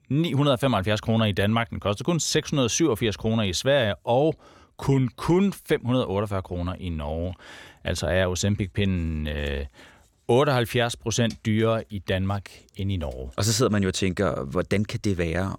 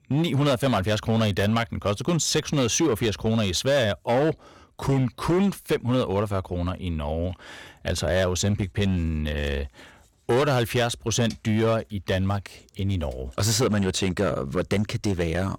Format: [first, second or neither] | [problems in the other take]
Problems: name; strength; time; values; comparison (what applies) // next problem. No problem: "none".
first | distortion; slight; 8% of the sound clipped